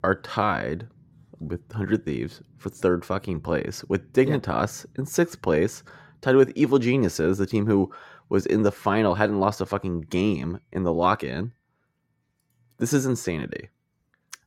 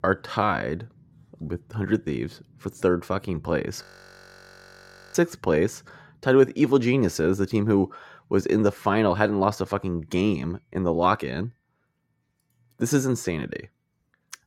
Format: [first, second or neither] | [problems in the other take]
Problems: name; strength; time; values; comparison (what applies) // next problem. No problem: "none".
first | audio freezing; at 4 s for 1.5 s